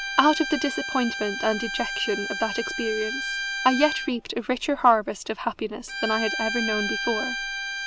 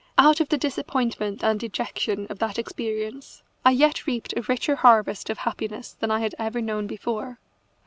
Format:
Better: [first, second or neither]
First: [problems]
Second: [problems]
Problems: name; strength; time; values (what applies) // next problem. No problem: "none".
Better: second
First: background sound (Bowed string instrument); 5 dB below the speech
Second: none